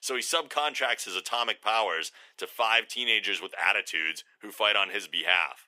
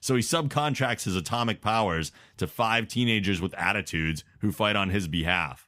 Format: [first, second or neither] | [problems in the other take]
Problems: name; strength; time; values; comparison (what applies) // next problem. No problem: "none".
second | thin; very; fading below 450 Hz